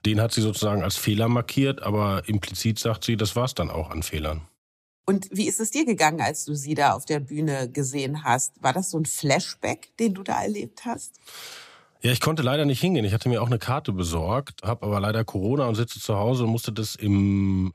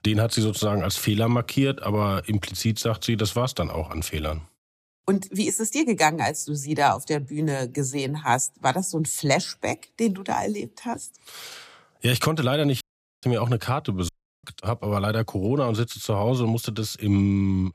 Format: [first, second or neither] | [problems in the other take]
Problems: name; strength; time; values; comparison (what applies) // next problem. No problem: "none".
first | audio cutting out; at 13 s and at 14 s